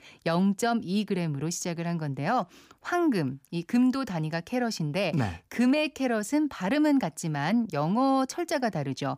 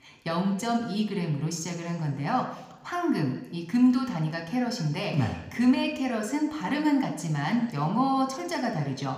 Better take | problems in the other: first | room echo; slight; dies away in 1 s

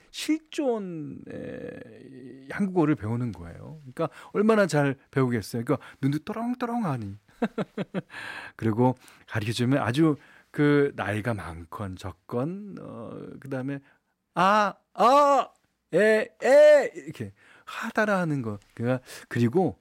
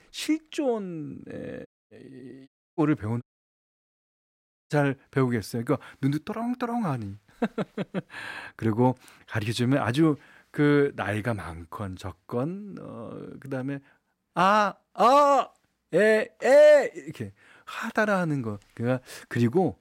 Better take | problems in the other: first | audio cutting out; at 1.5 s, at 2.5 s and at 3 s for 1.5 s

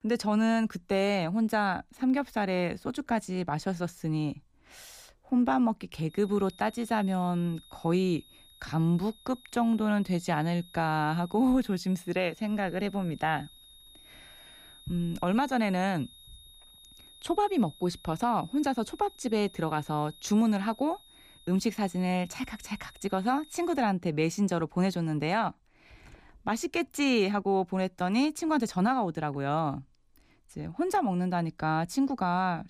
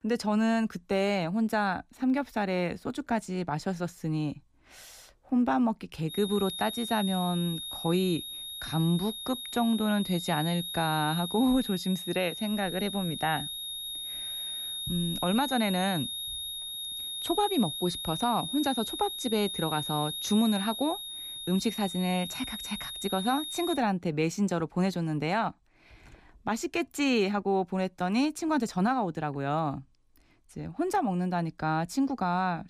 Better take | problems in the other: first | high-pitched whine; loud; from 6 to 24 s; 3.5 kHz, 5 dB below the speech; faint in the first

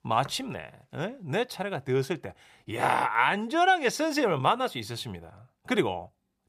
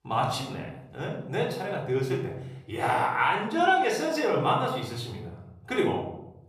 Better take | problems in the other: first | off-mic speech; far // room echo; noticeable; dies away in 0.9 s

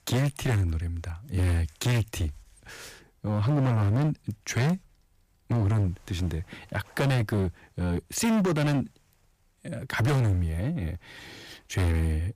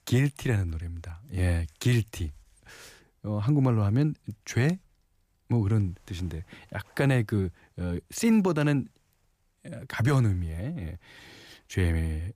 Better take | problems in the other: second | distortion; heavy; 15% of the sound clipped

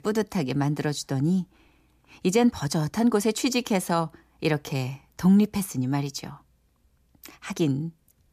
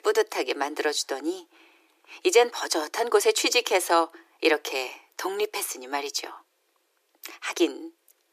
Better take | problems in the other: first | thin; very; fading below 350 Hz

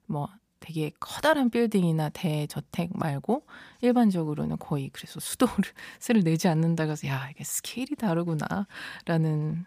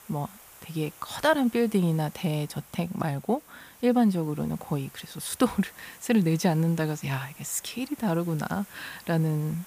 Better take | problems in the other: first | hiss; faint; throughout; 20 dB below the speech

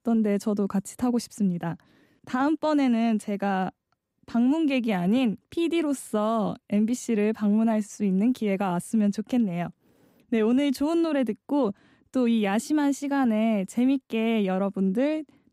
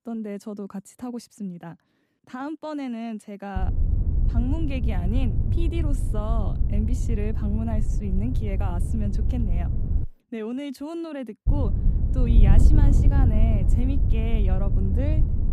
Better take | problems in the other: first | wind noise on the microphone; heavy; from 3.5 to 10 s and from 11 s on; 4 dB below the speech

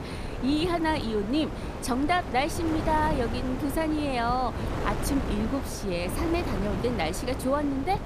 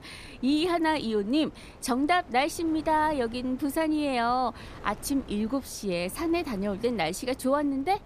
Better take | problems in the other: second | wind noise on the microphone; heavy; 8 dB below the speech; occasional gusts in the second

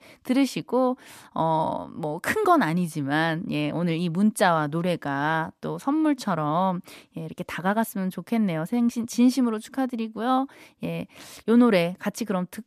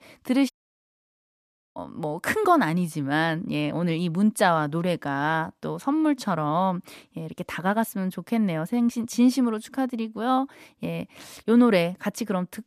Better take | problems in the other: first | audio cutting out; at 0.5 s for 1.5 s

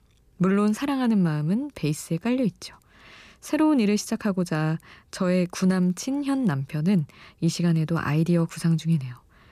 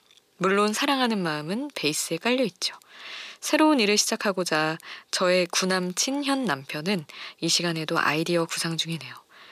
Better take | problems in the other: first | thin; somewhat; fading below 450 Hz

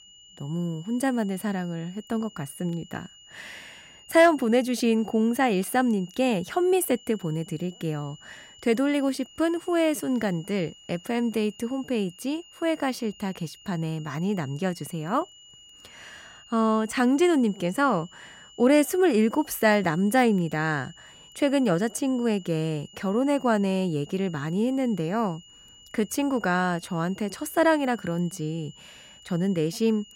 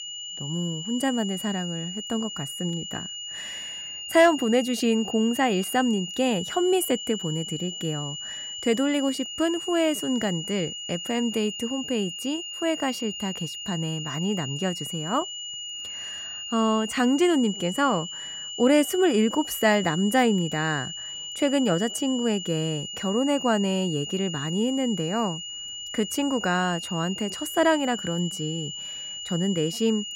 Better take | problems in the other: first | high-pitched whine; loud; throughout; 3 kHz, 7 dB below the speech; faint in the first

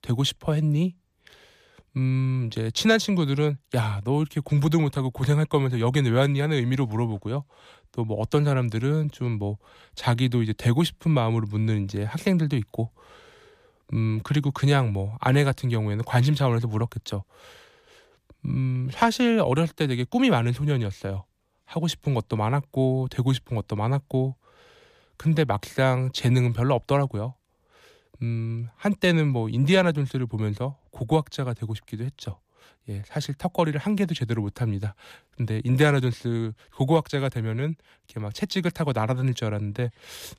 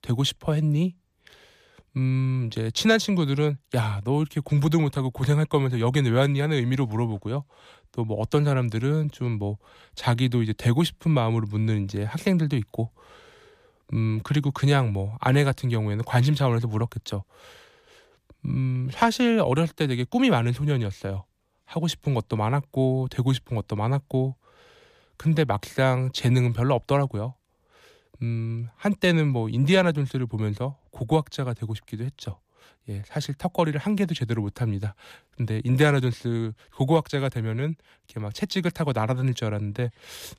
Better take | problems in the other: neither | none

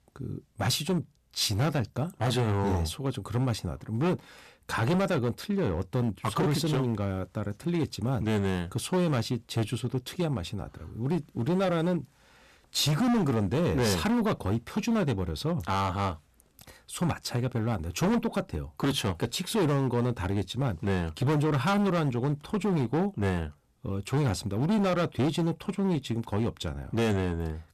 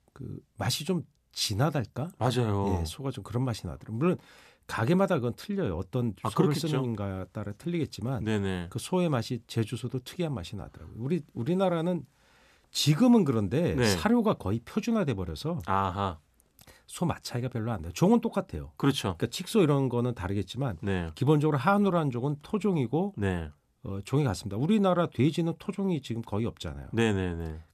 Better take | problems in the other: second | distortion; heavy; 13% of the sound clipped

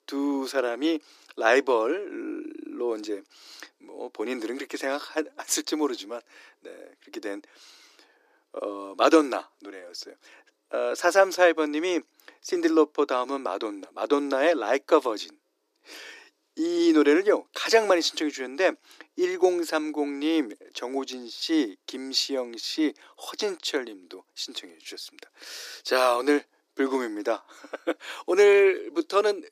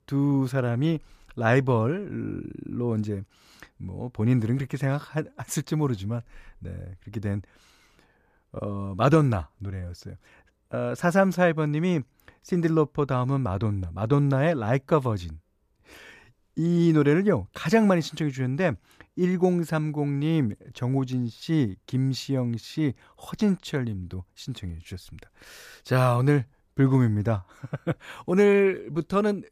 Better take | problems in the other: second | thin; somewhat; fading below 300 Hz

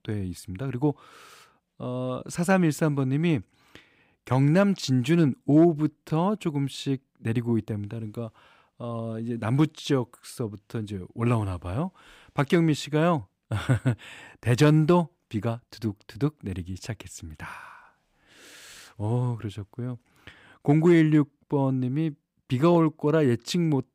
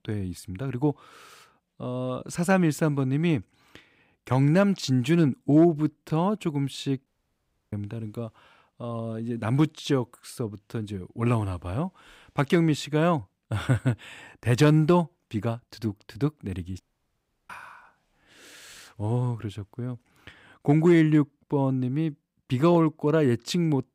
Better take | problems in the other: first | audio cutting out; at 7 s for 0.5 s and at 17 s for 0.5 s

